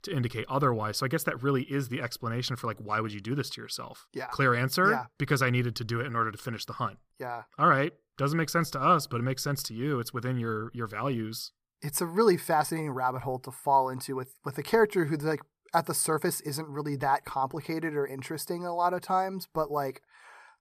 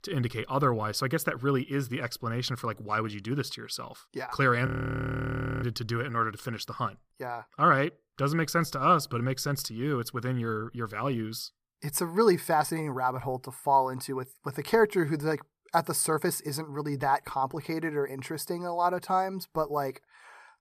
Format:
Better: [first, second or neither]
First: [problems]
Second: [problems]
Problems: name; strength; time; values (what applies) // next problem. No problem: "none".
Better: first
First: none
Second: audio freezing; at 4.5 s for 1 s